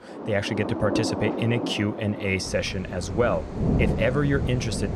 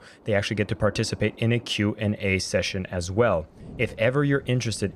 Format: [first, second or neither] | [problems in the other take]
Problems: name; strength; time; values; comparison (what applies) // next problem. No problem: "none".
second | rain or running water; loud; throughout; 3 dB below the speech; faint in the second